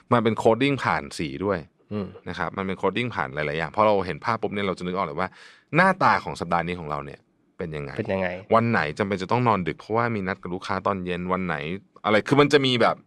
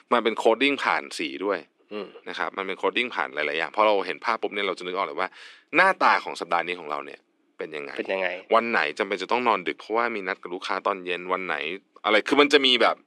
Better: first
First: none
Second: thin; very slightly; fading below 300 Hz

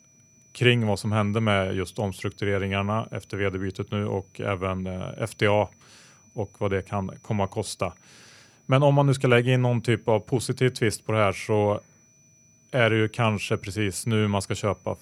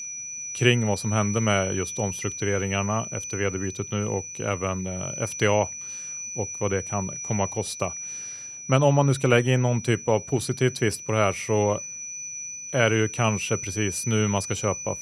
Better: first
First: high-pitched whine; faint; throughout; 6 kHz, 30 dB below the speech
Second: high-pitched whine; loud; throughout; 6 kHz, 8 dB below the speech

